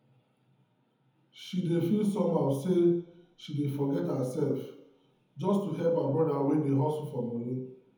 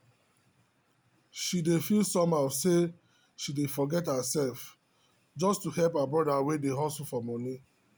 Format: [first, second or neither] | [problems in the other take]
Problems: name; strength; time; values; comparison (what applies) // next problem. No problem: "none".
second | room echo; dies away in 1 s